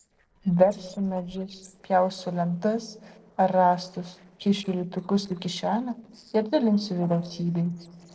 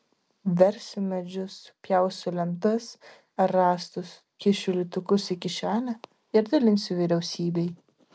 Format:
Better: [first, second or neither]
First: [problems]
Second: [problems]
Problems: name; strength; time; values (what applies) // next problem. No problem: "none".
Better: second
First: noise reduction (neural separator model SepFormer DNS4)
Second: none